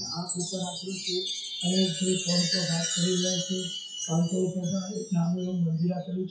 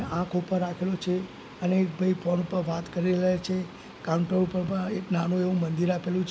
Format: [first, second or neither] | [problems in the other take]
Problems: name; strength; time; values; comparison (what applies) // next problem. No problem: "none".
second | noise reduction (classical method WPE with log-MMSE)